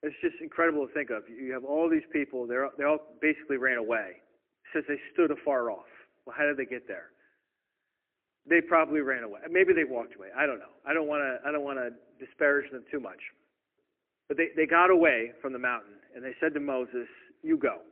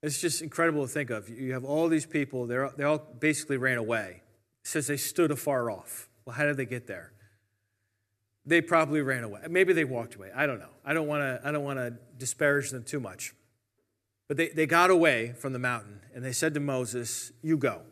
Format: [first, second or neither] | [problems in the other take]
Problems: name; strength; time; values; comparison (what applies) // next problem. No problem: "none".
second | phone-call audio; poor line